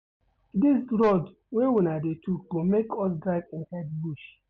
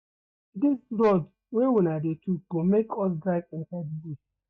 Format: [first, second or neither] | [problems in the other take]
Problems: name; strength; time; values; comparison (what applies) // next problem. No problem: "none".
first | noise reduction (neural mask model DeepFilterNet 3)